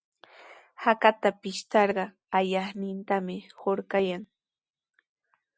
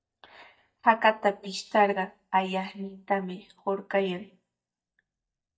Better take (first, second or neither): first